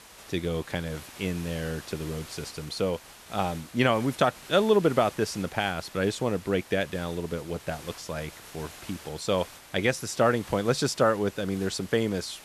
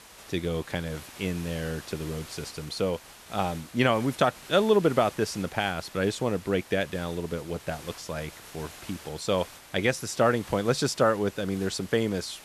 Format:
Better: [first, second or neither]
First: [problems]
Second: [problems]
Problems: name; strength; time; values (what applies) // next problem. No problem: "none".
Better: neither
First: hiss; noticeable; throughout; 15 dB below the speech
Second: hiss; noticeable; throughout; 15 dB below the speech